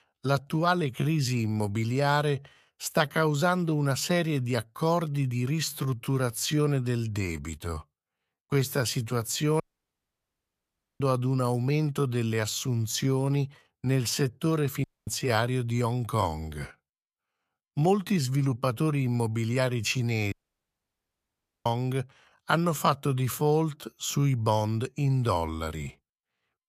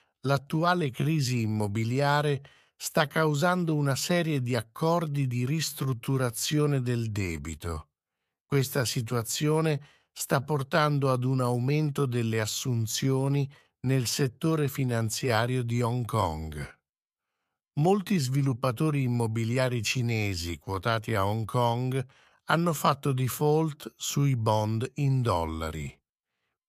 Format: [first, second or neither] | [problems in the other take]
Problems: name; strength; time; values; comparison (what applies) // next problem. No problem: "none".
second | audio cutting out; at 9.5 s for 1.5 s, at 15 s and at 20 s for 1.5 s